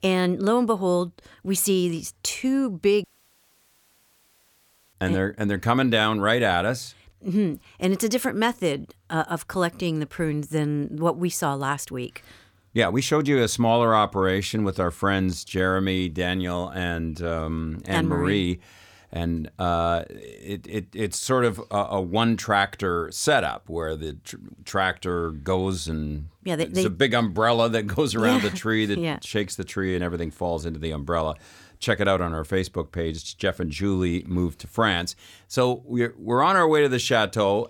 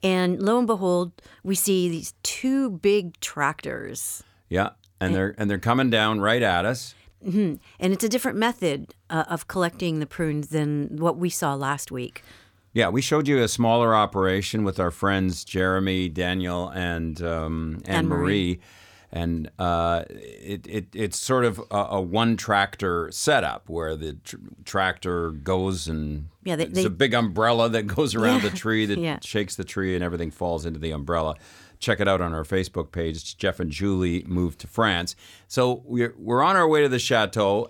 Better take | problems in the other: second | audio cutting out; at 3 s for 2 s

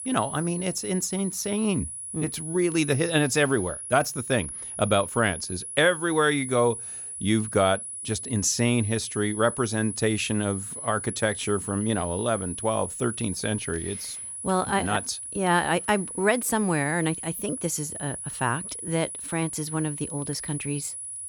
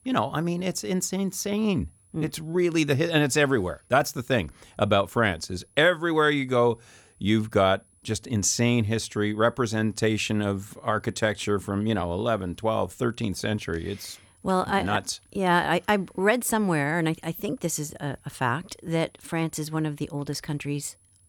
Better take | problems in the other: second | high-pitched whine; loud; throughout; 10 kHz, 7 dB below the speech; faint in the second

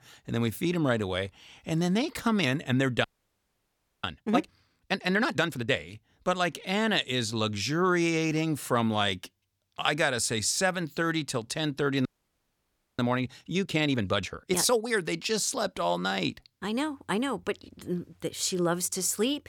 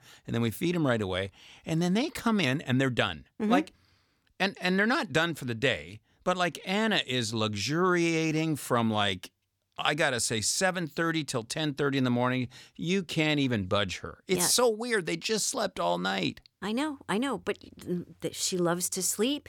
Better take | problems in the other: second | audio freezing; at 3 s for 1 s and at 12 s for 1 s

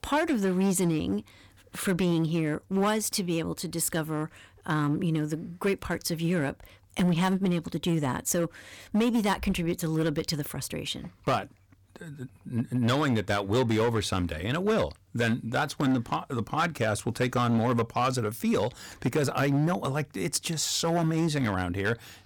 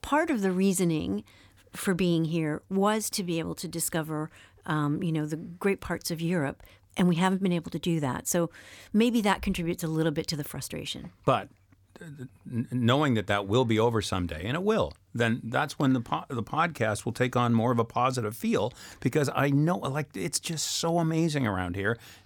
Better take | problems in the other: second | distortion; slight; 8% of the sound clipped

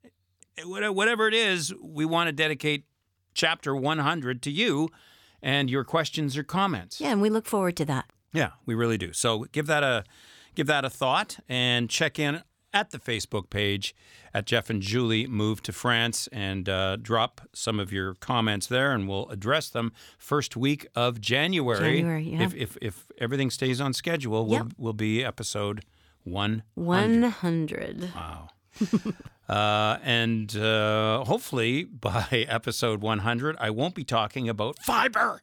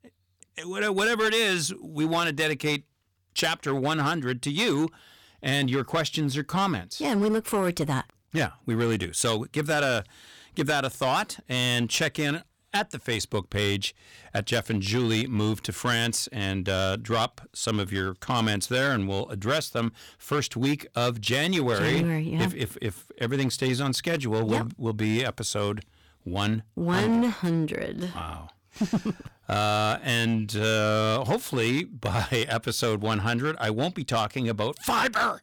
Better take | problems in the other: first | distortion; slight; 8% of the sound clipped

